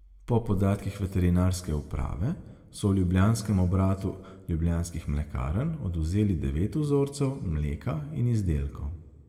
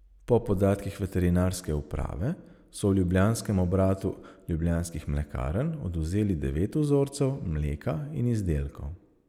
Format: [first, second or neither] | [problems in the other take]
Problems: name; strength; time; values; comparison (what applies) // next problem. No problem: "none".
second | room echo; dies away in 1.1 s